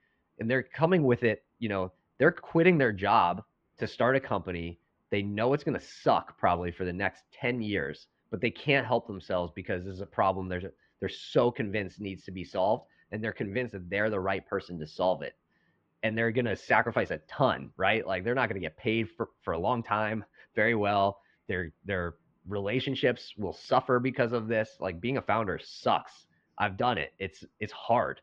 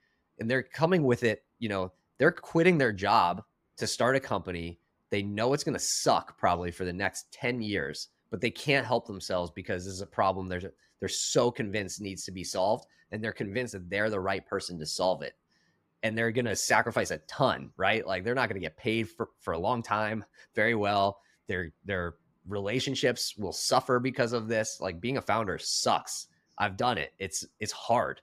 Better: second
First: muffled; very; fading above 3 kHz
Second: none

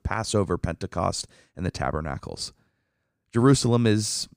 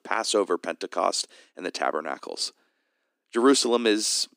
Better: first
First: none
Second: thin; somewhat; fading below 250 Hz

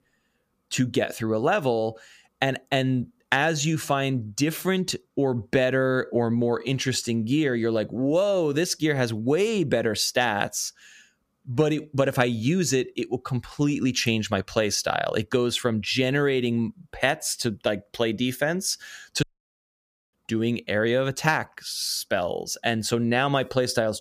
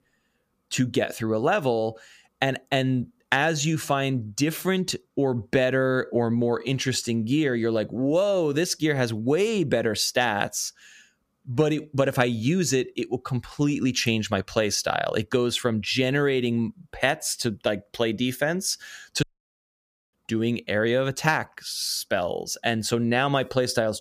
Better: neither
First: audio cutting out; at 19 s for 1 s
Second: audio cutting out; at 19 s for 1 s

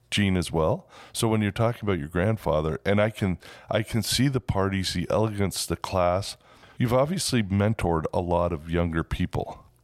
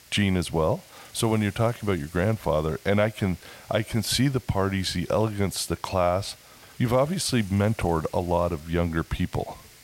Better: first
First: none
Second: hiss; faint; throughout; 25 dB below the speech

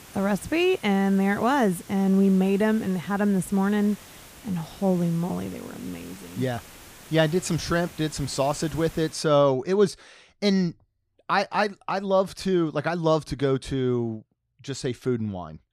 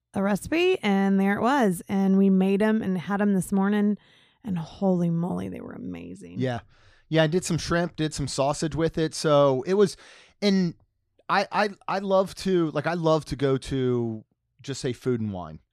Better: second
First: hiss; faint; until 9 s; 20 dB below the speech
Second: none

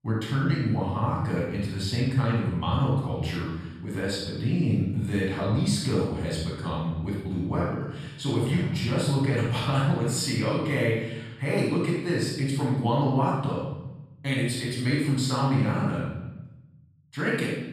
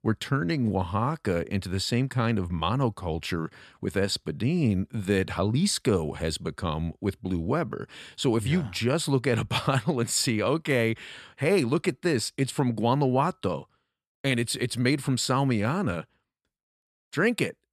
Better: second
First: off-mic speech; far // room echo; strong; dies away in 1.1 s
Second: none

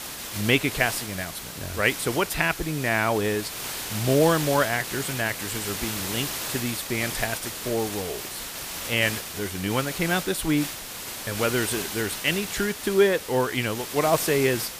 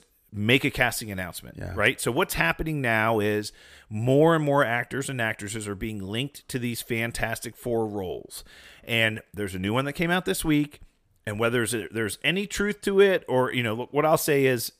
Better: second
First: hiss; loud; throughout; 6 dB below the speech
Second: none

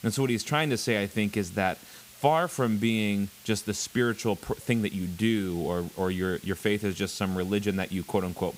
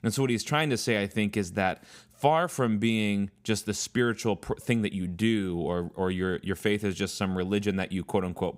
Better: second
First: hiss; noticeable; throughout; 20 dB below the speech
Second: none

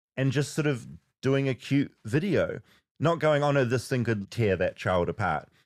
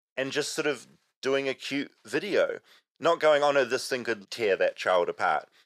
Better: first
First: none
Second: thin; somewhat; fading below 500 Hz

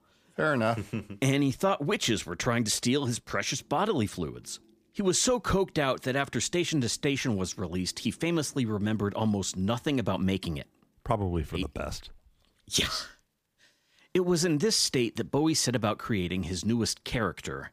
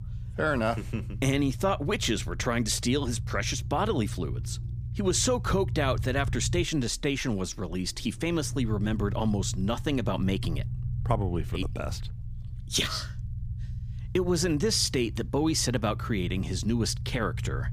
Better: first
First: none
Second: low rumble; noticeable; throughout; 20 dB below the speech

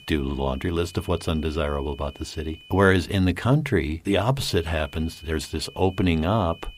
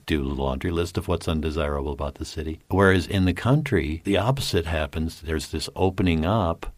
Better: second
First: high-pitched whine; faint; until 3 s and from 4.5 s on; 3 kHz, 20 dB below the speech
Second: none

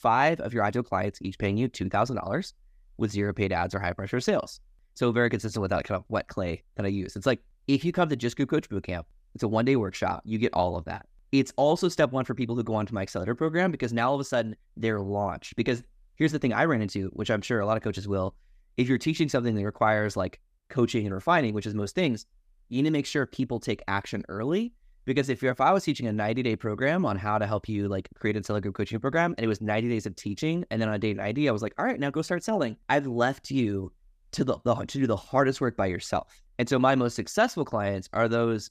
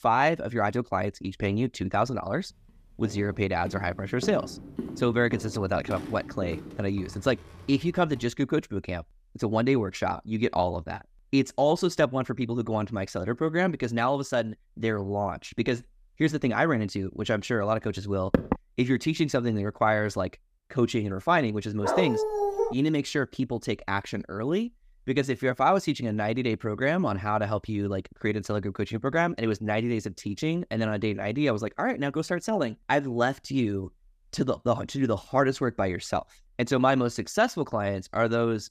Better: first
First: none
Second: footsteps; noticeable; from 3 to 8 s; peak 9 dB below the speech // door banging; loud; at 18 s; peak level with the speech // dog barking; loud; at 22 s; peak 1 dB above the speech

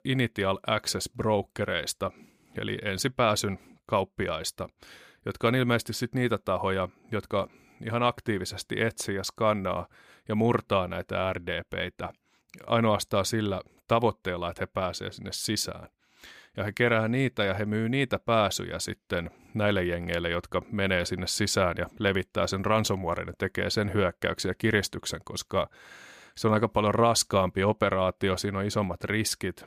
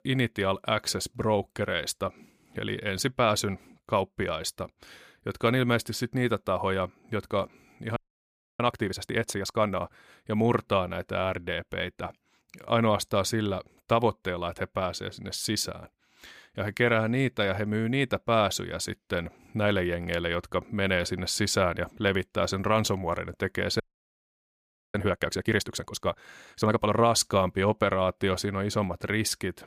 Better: first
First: none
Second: audio freezing; at 8 s for 0.5 s and at 24 s for 1 s

